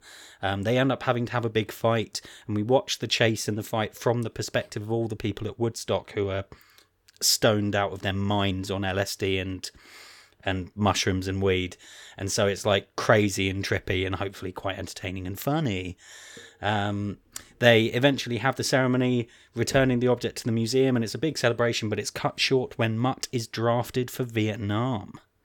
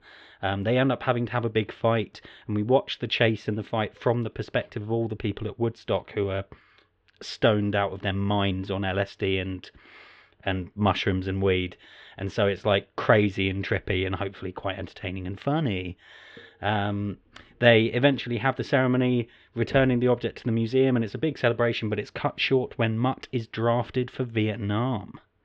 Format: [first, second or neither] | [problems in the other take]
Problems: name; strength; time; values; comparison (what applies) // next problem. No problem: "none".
first | muffled; very; fading above 3 kHz